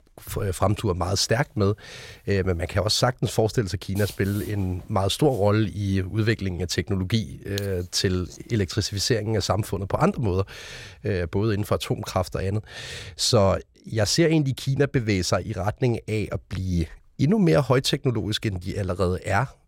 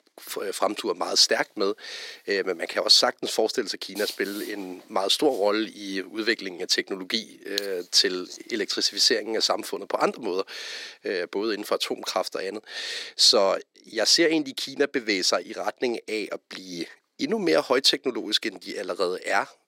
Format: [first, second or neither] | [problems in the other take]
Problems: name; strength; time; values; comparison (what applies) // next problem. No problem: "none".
first | thin; somewhat; fading below 250 Hz